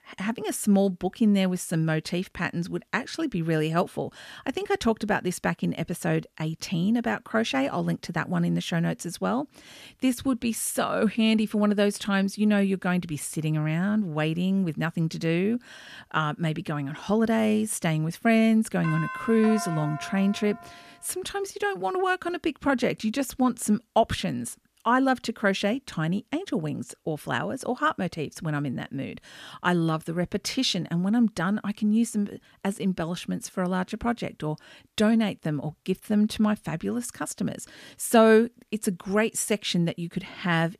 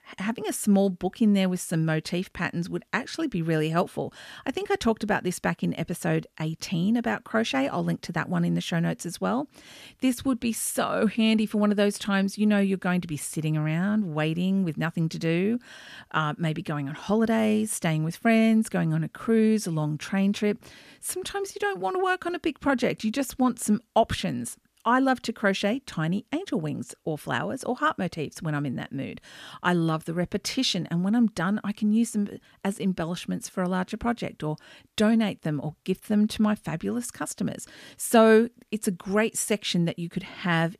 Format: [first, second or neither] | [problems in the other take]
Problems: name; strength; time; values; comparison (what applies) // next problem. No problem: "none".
second | doorbell; noticeable; from 19 to 21 s; peak 7 dB below the speech